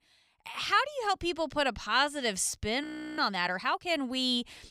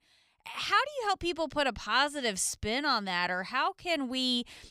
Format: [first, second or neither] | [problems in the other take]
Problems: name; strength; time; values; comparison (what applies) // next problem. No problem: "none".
second | audio freezing; at 3 s